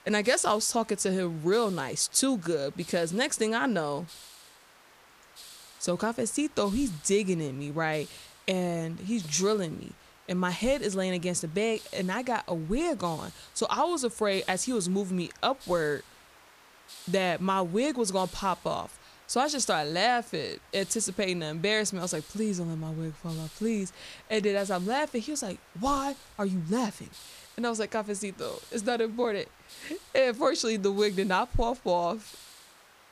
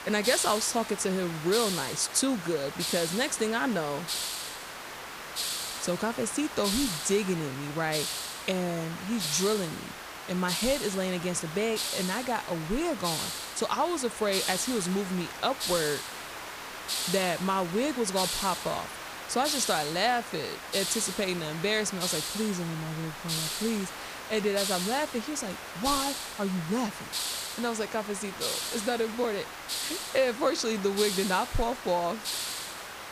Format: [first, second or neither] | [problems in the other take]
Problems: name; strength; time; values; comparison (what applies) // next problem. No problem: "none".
first | hiss; loud; throughout; 4 dB below the speech; faint in the first